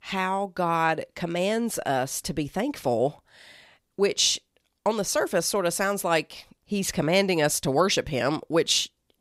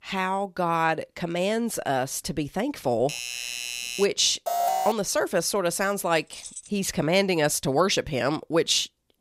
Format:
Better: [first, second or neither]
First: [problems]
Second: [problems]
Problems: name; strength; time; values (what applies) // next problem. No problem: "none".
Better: first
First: none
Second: doorbell; noticeable; from 3 to 4 s; peak 5 dB below the speech // alarm; loud; at 4.5 s; peak level with the speech // jangling keys; faint; at 6.5 s; peak 15 dB below the speech